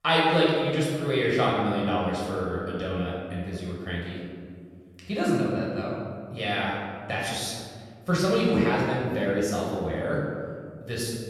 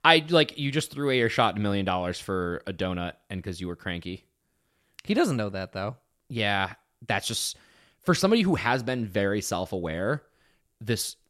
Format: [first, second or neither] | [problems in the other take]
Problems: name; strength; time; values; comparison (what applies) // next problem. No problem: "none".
second | room echo; noticeable; dies away in 1.9 s // off-mic speech; far